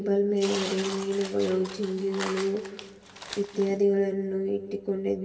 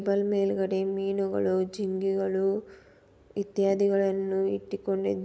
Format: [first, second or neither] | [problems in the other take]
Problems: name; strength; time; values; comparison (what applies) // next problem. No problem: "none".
second | background sound (Tearing); 12 dB below the speech // room echo; dies away in 2.6 s